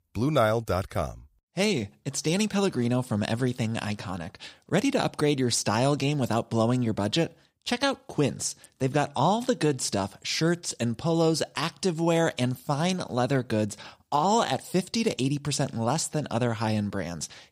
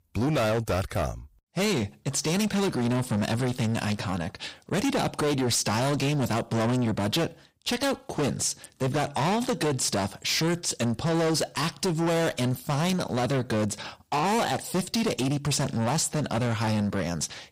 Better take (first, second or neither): first